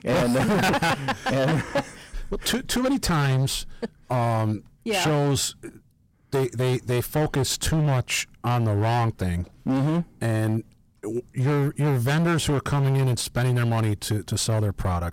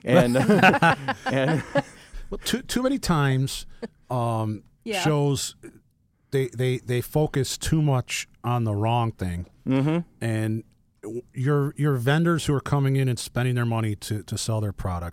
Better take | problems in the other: second | distortion; heavy; 20% of the sound clipped

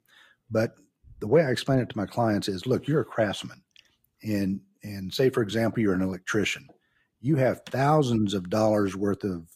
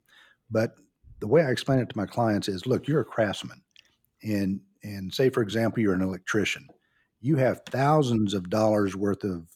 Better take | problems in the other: second | garbled, watery; slightly; nothing above 14.5 kHz

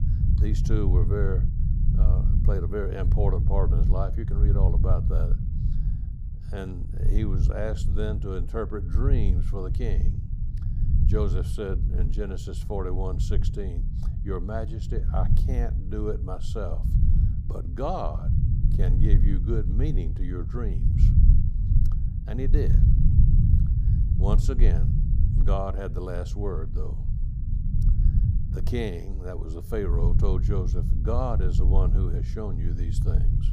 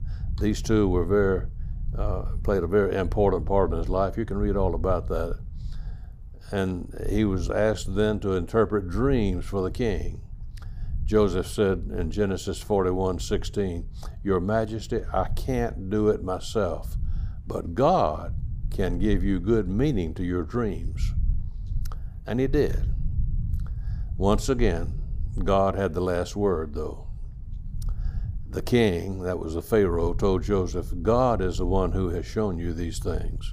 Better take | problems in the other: second | low rumble; loud; throughout; 6 dB below the speech; faint in the second

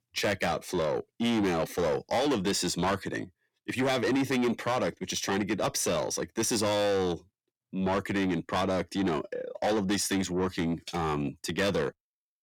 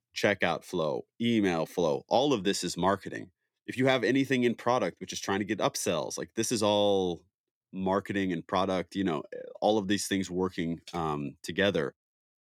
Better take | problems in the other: second | distortion; heavy; 7 dB below the speech

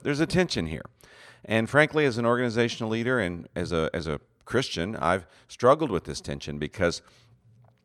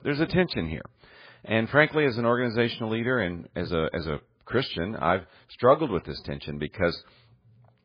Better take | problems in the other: first | garbled, watery; badly; nothing above 4.5 kHz

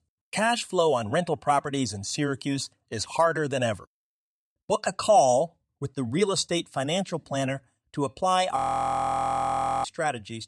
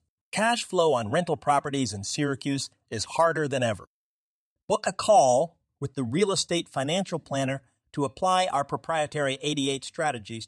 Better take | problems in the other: second | audio freezing; at 8.5 s for 1.5 s

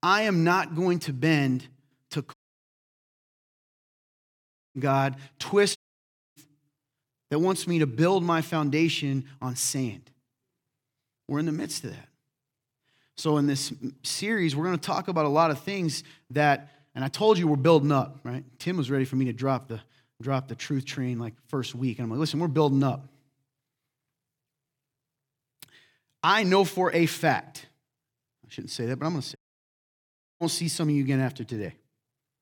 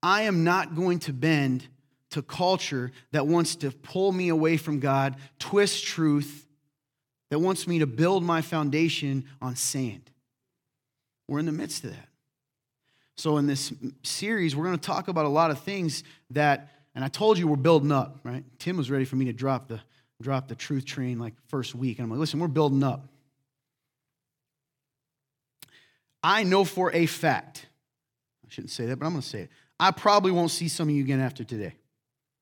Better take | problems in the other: second | audio cutting out; at 2.5 s for 2.5 s, at 6 s for 0.5 s and at 29 s for 1 s

